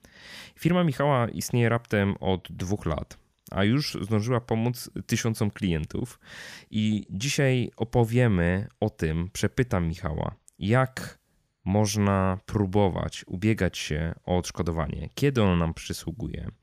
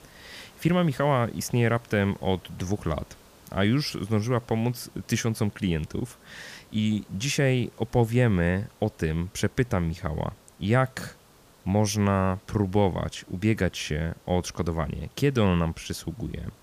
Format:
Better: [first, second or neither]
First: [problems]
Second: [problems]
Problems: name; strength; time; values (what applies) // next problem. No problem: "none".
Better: first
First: none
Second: hiss; faint; throughout; 25 dB below the speech